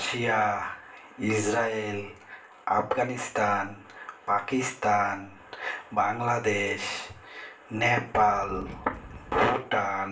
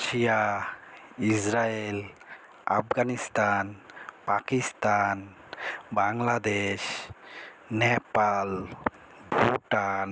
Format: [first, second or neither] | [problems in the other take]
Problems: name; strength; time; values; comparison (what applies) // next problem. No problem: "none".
second | background sound (Wind); 14 dB below the speech // room echo; dies away in 0.4 s